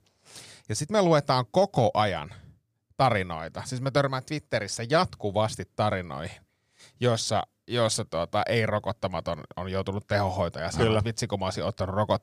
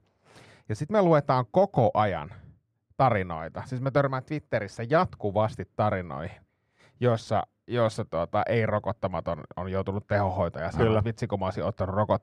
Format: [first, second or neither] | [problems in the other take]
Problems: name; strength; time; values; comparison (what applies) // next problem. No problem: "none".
first | muffled; slightly; fading above 3 kHz